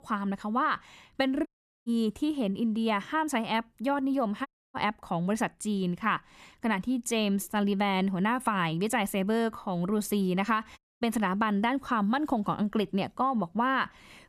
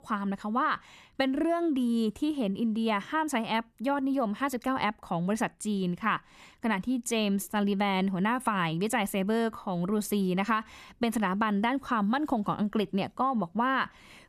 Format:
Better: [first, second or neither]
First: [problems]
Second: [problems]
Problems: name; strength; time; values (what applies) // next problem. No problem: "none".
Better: second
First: audio cutting out; at 1.5 s, at 4.5 s and at 11 s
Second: none